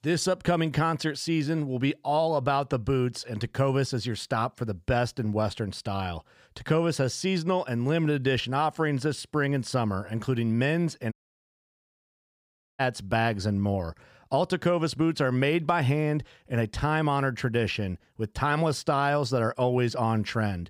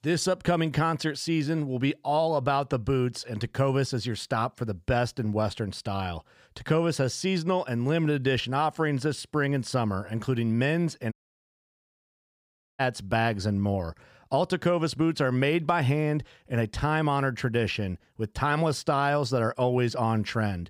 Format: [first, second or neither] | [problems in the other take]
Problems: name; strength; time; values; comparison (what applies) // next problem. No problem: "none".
neither | audio cutting out; at 11 s for 1.5 s; the same in both